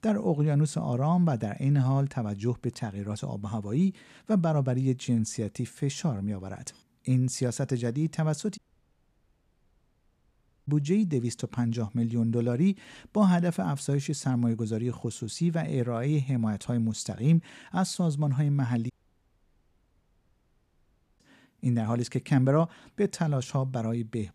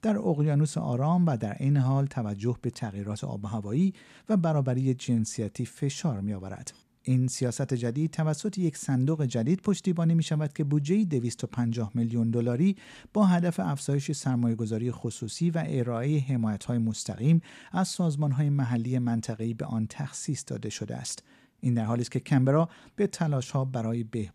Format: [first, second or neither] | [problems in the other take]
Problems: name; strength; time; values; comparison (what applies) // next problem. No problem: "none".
second | audio cutting out; at 8.5 s for 2 s and at 19 s for 2.5 s